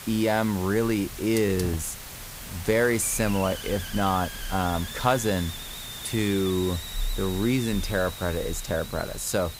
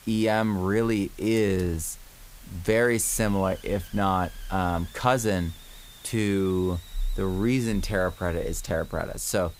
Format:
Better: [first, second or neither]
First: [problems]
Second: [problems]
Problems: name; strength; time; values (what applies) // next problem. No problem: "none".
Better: second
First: hiss; loud; throughout; 10 dB below the speech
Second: hiss; faint; throughout; 20 dB below the speech